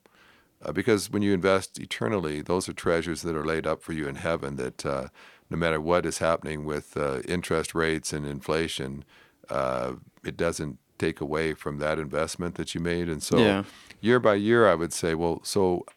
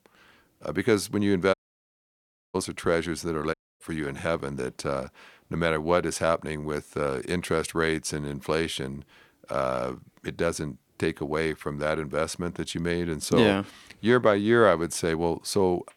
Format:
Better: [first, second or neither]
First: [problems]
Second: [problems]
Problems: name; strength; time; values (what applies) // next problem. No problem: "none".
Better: first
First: none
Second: audio cutting out; at 1.5 s for 1 s and at 3.5 s